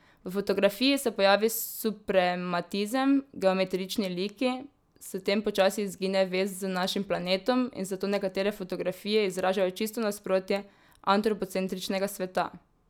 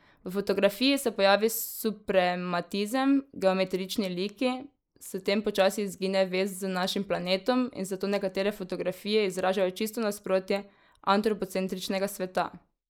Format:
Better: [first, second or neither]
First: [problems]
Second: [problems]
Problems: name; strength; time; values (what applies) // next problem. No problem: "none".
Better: first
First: none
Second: noise reduction (neural mask model Resemble Enhance denoiser)